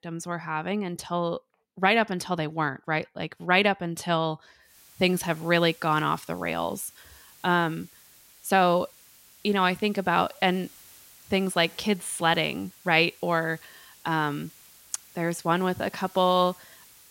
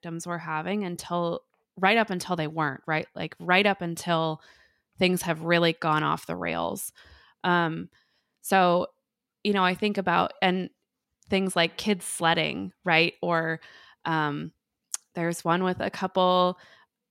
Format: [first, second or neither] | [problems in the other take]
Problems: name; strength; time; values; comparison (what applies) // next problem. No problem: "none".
second | hiss; faint; from 4.5 s on; 25 dB below the speech